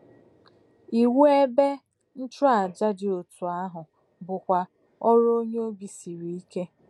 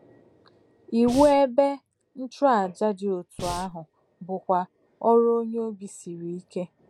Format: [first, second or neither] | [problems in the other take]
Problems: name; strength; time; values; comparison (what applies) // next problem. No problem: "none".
first | background sound (Breathing); 11 dB below the speech